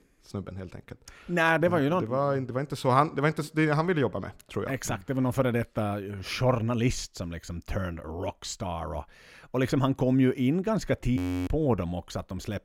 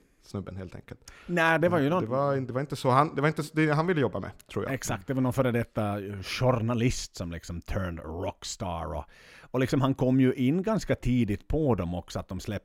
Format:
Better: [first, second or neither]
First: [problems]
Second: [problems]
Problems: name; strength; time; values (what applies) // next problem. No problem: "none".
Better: second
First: audio freezing; at 11 s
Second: none